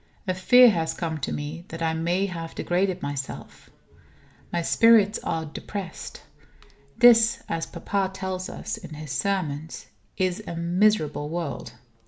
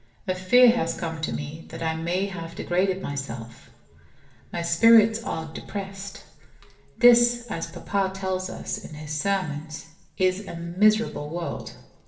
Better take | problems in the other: first | room echo; dies away in 0.7 s

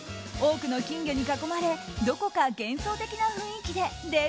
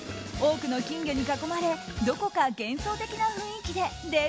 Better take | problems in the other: first | background sound (Gurgling); 18 dB below the speech

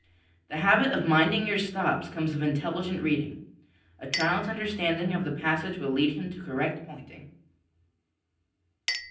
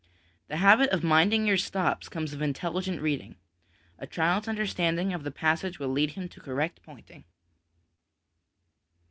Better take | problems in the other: second | background sound (Chink, clink); 15 dB below the speech // room echo; dies away in 0.6 s

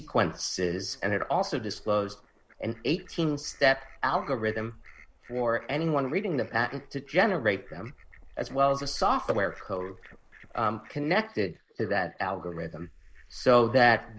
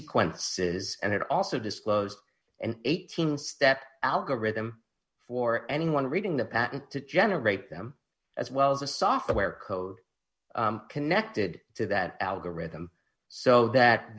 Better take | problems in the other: second | noise reduction (neural mask model Resemble Enhance denoiser)

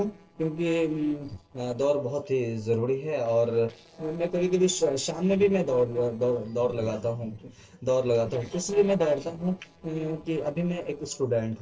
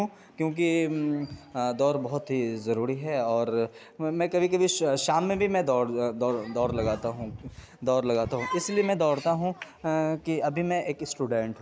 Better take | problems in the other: second | noise reduction (neural separator model SepFormer DNS4)

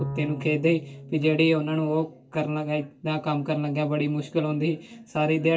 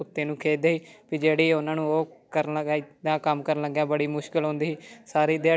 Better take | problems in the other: second | background sound (Bowed string instrument); 16 dB below the speech // room echo; dies away in 0.2 s

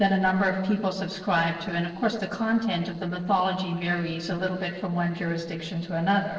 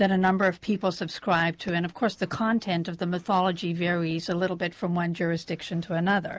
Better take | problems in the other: second | noise reduction (neural separator model SepFormer DNS4)

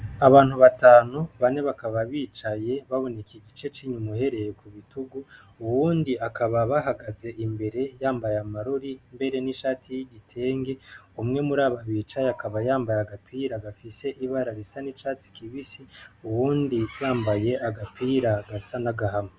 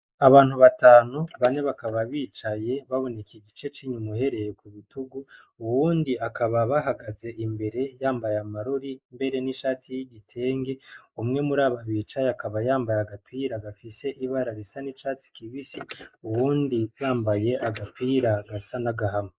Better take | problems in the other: first | noise reduction (neural mask model Resemble Enhance denoiser)

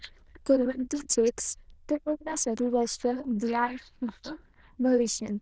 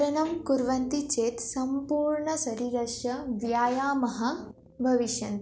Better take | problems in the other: second | noise reduction (neural diffusion model UNIVERSE++)

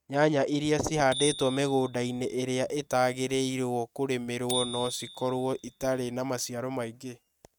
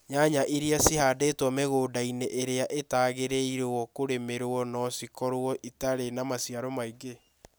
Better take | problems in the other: second | noise reduction (neural mask model RNNoise)

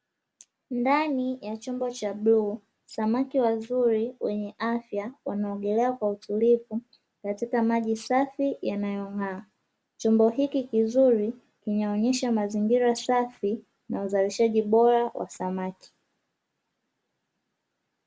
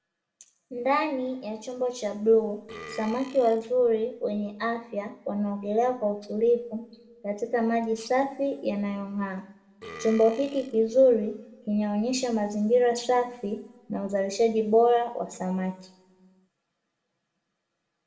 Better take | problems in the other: first | background sound (Burping, eructation); 18 dB below the speech // room echo; dies away in 0.8 s

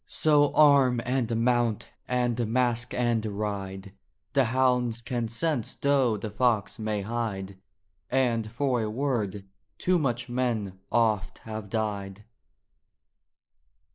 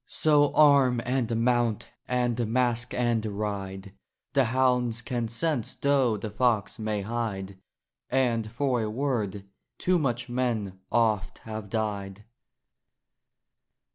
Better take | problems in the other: second | noise reduction (neural mask model Resemble Enhance denoiser)

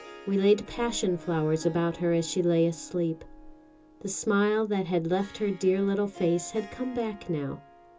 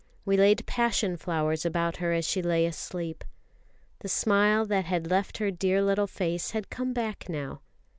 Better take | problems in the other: second | background sound (Harp); 20 dB below the speech // room echo; dies away in 0.2 s

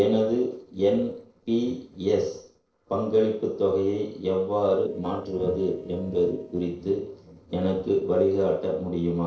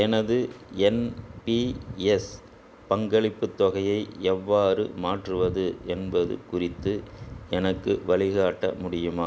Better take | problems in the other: second | noise reduction (neural separator model SepFormer DNS4)

